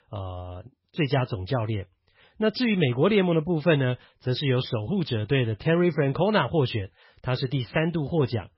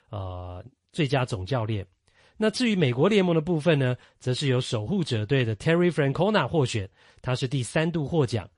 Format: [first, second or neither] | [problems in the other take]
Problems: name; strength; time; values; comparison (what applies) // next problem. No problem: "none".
second | garbled, watery; badly; nothing above 5.5 kHz; slightly in the second